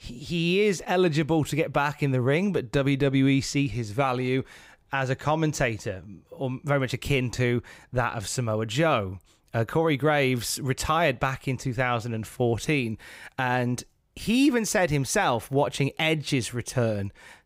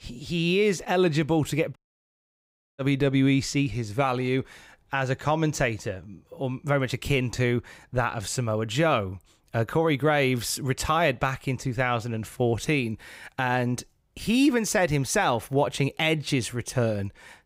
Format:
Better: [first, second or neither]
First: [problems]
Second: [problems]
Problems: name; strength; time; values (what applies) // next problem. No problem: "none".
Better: first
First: none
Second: audio cutting out; at 2 s for 1 s